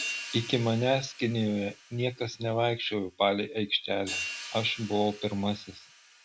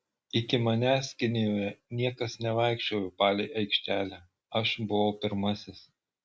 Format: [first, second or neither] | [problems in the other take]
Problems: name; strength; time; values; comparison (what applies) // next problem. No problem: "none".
second | background sound (Hi-hat); 12 dB below the speech